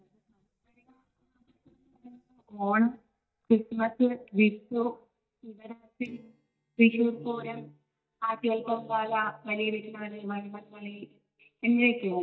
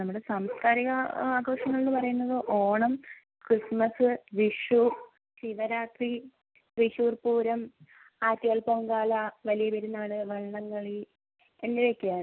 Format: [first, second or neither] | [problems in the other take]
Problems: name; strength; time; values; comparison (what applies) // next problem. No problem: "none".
second | noise reduction (neural mask model DeepFilterNet 3)